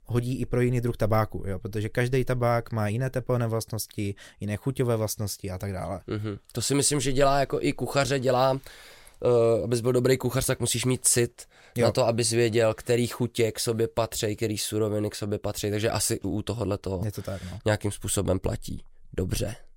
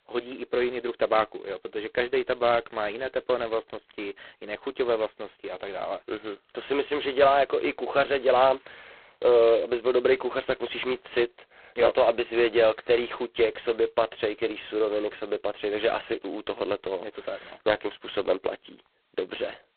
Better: first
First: none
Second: phone-call audio; poor line; nothing above 4 kHz

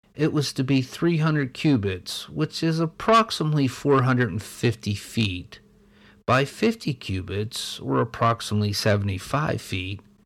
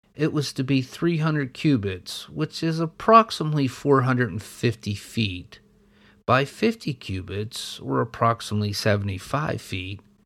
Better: second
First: distortion; slight; 10 dB below the speech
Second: none

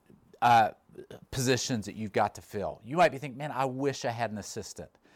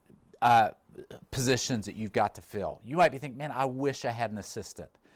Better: first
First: none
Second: garbled, watery; slightly; nothing above 19 kHz

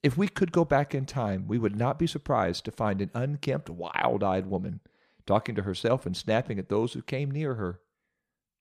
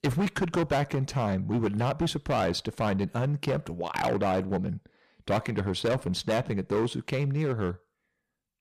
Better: first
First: none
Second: distortion; heavy; 11% of the sound clipped

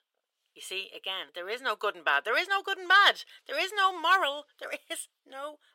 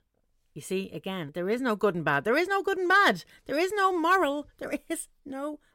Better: second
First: thin; very; fading below 550 Hz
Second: none

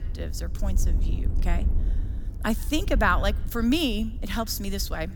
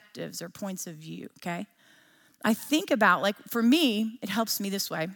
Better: second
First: wind noise on the microphone; occasional gusts; 20 dB below the speech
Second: none

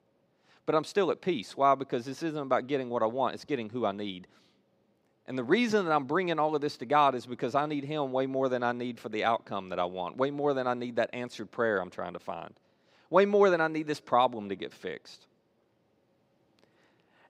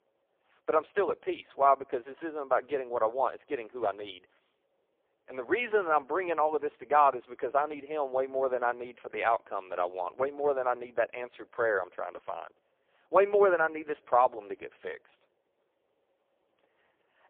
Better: first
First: none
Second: phone-call audio; poor line

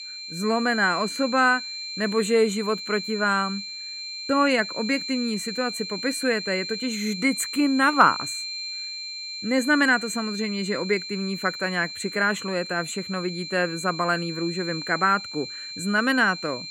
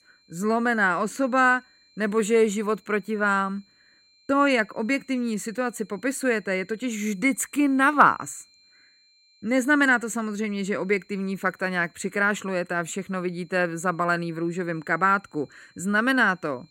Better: second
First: high-pitched whine; loud; throughout; 4 kHz, 8 dB below the speech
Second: high-pitched whine; faint; throughout; 4 kHz, 35 dB below the speech

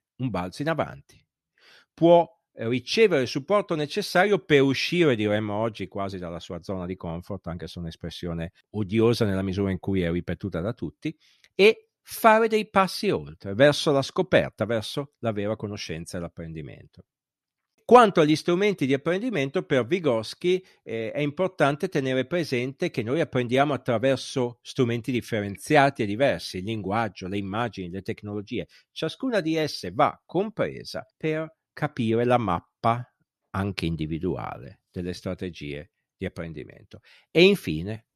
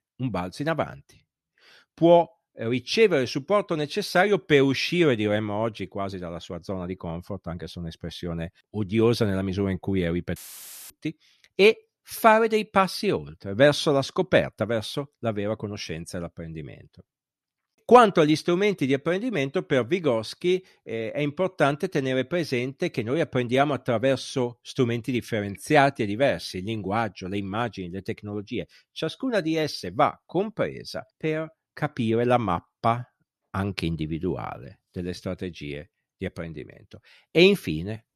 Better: first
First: none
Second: audio cutting out; filled with static; at 10 s for 0.5 s

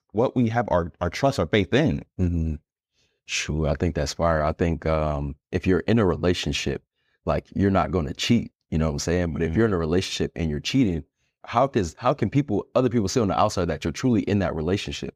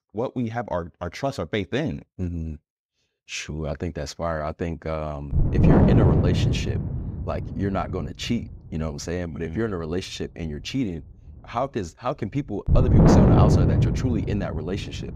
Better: first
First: none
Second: wind noise on the microphone; heavy; from 5.5 s on; 4 dB above the speech

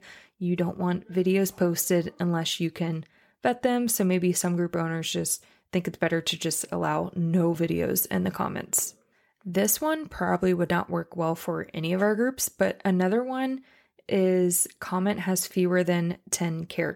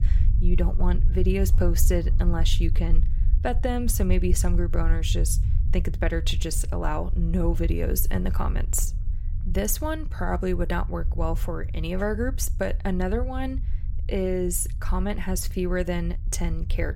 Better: first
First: none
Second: low rumble; noticeable; throughout; 15 dB below the speech

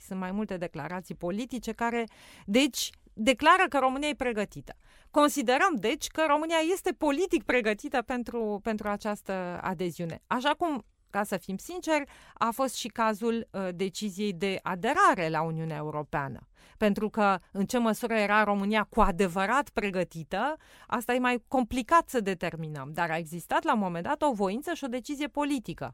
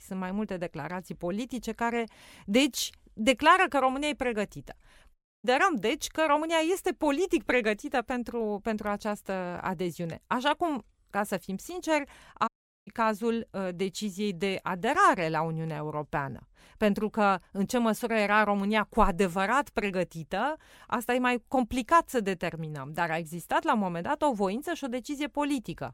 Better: first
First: none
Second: audio cutting out; at 5 s and at 12 s

